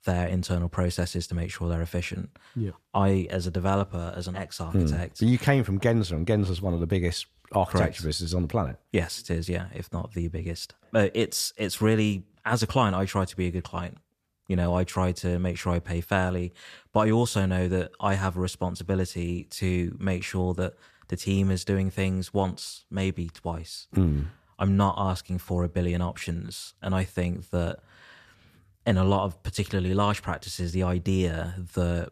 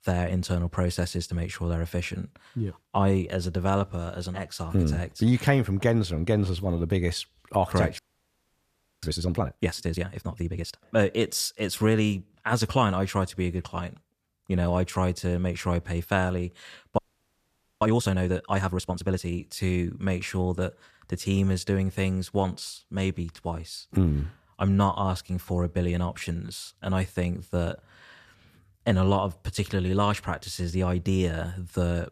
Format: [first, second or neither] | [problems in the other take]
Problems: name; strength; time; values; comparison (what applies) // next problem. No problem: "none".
first | audio freezing; at 8 s for 1 s and at 17 s for 1 s